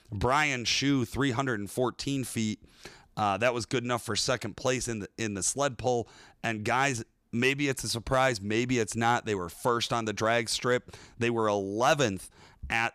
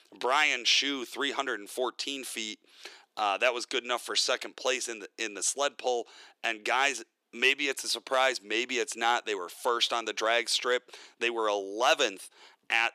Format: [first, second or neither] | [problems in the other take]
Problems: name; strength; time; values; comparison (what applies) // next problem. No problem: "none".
first | thin; somewhat; fading below 350 Hz